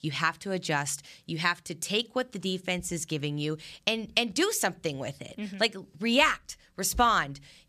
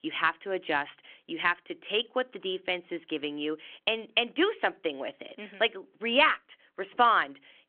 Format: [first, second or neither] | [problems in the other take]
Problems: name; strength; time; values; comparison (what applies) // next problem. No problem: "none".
first | phone-call audio; nothing above 3.5 kHz